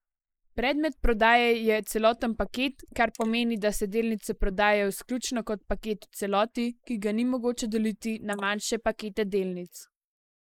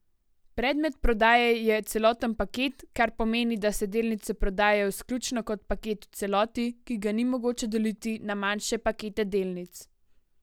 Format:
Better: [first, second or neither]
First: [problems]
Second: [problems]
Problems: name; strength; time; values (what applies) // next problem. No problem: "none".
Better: second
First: noise reduction (neural mask model Resemble Enhance denoiser)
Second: none